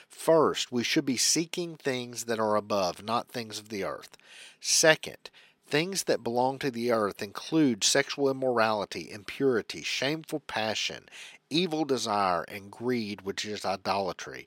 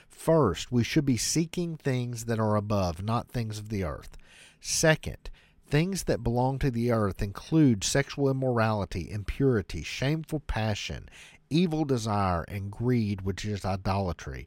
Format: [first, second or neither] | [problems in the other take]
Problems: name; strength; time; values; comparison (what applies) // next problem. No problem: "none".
second | thin; somewhat; fading below 300 Hz